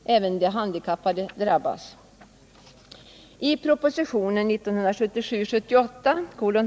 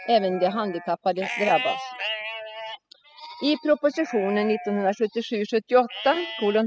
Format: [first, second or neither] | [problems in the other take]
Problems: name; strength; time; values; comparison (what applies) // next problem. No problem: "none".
first | noise reduction (classical method spectral subtraction)